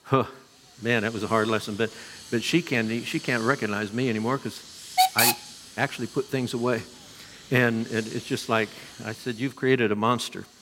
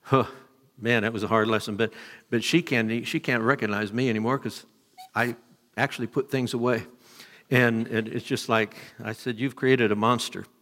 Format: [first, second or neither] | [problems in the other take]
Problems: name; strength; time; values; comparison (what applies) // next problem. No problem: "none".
second | hiss; loud; throughout; 2 dB below the speech; faint in the second